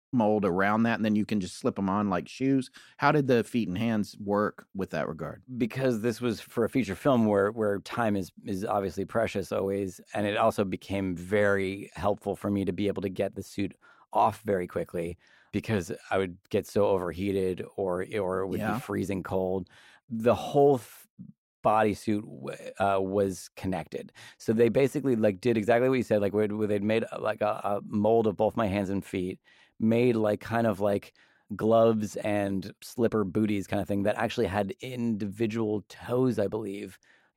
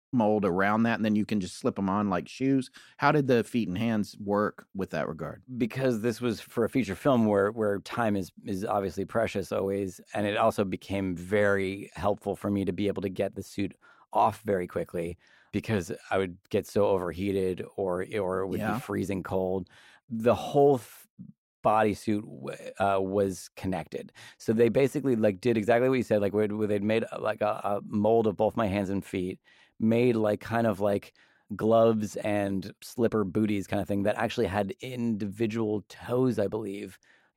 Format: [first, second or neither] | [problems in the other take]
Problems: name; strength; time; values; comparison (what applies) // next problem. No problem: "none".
neither | none